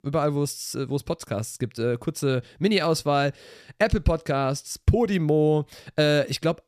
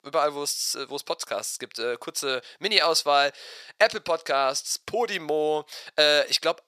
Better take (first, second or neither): first